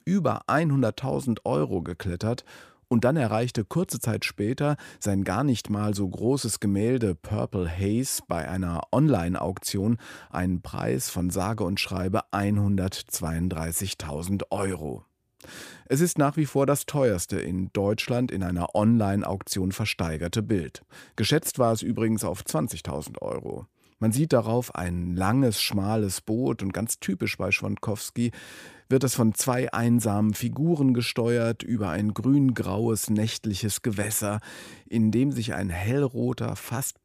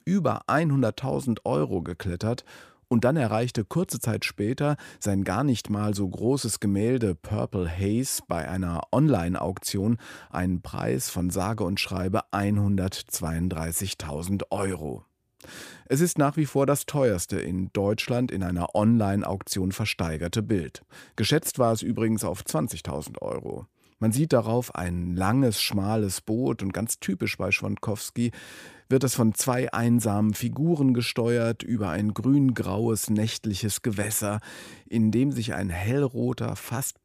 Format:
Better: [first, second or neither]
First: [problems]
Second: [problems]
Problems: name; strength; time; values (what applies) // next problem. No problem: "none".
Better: neither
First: none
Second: none